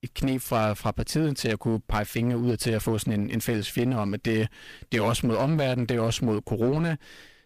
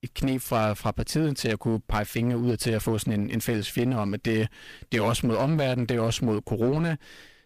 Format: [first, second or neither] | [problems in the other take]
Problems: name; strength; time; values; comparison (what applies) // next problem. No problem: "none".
neither | distortion; slight; 10% of the sound clipped; the same in both